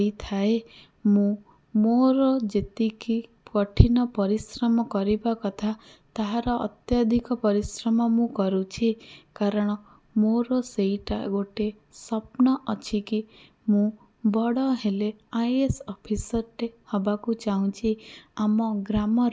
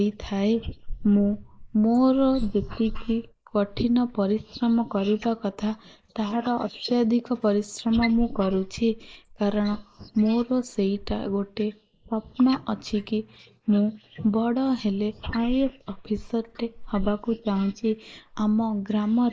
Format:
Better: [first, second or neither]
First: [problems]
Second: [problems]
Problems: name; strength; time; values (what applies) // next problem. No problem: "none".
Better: first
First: none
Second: noise reduction (neural mask model Resemble Enhance denoiser)